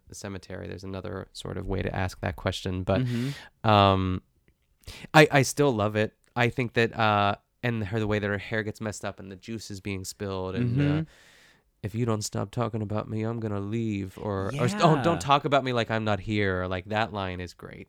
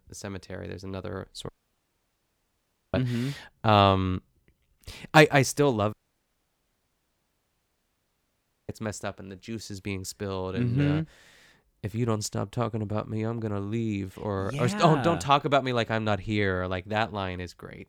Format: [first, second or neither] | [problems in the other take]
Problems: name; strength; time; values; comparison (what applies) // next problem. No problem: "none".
first | audio cutting out; at 1.5 s for 1.5 s and at 6 s for 3 s